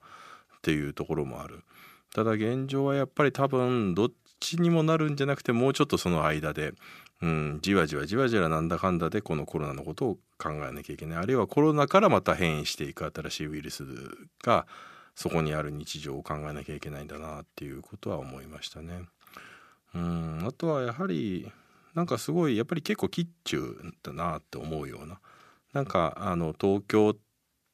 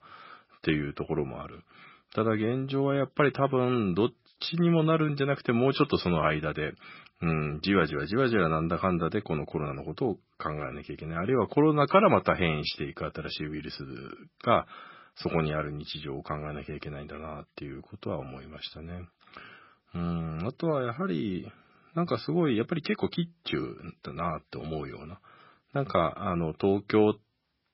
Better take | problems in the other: first | garbled, watery; badly; nothing above 5.5 kHz

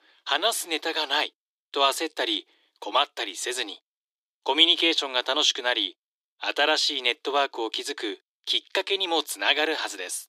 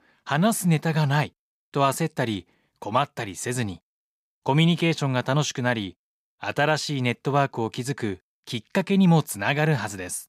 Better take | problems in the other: second | thin; very; fading below 300 Hz

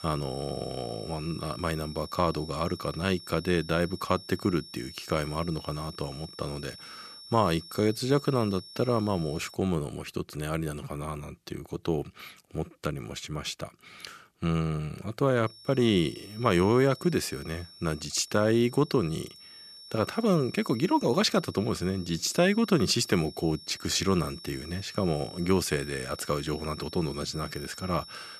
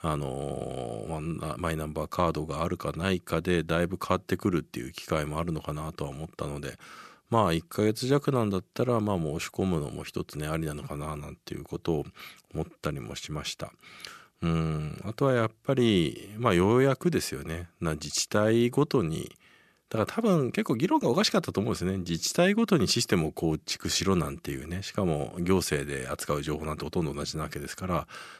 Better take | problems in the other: second | high-pitched whine; noticeable; until 9.5 s and from 15 s on; 5.5 kHz, 15 dB below the speech

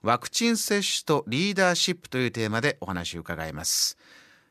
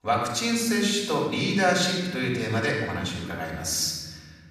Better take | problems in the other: first | off-mic speech; far // room echo; noticeable; dies away in 1.5 s

